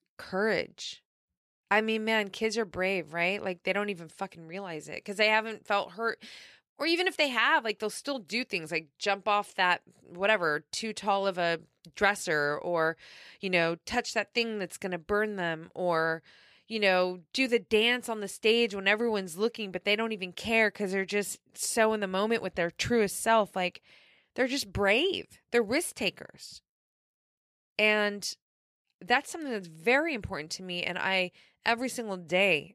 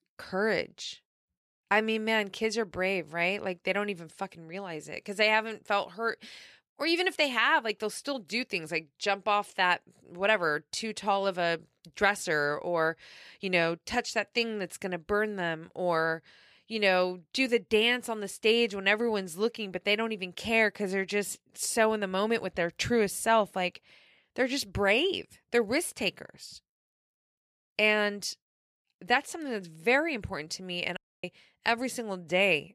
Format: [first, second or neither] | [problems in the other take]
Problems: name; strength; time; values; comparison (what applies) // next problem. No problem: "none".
first | audio cutting out; at 31 s